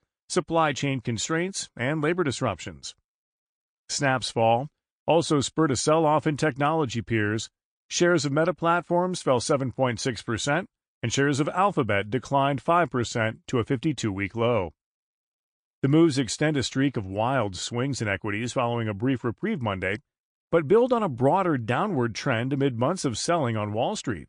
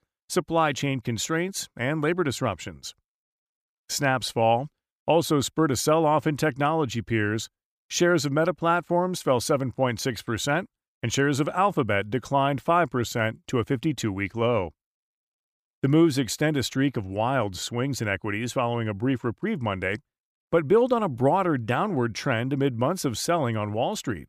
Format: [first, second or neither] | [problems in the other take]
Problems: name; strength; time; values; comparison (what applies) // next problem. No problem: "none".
second | garbled, watery; slightly; nothing above 9 kHz